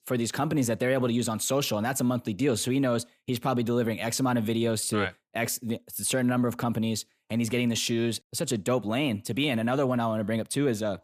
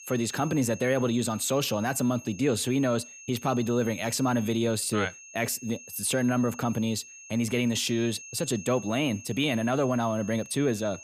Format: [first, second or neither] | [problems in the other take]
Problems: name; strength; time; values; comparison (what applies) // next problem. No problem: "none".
first | high-pitched whine; noticeable; throughout; 6.5 kHz, 15 dB below the speech